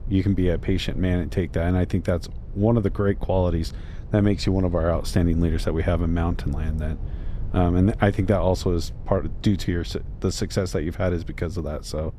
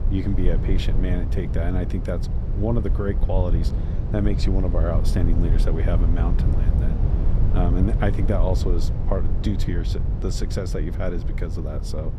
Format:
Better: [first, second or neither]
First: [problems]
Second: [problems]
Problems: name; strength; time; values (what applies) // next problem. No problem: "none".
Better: first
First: low rumble; faint; throughout; 20 dB below the speech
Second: low rumble; loud; throughout; 7 dB below the speech